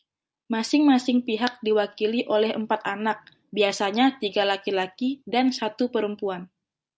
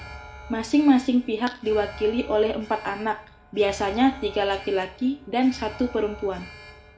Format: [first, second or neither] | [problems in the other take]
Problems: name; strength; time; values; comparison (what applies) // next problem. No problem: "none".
first | background sound (Alarm); 18 dB below the speech // room echo; dies away in 1.3 s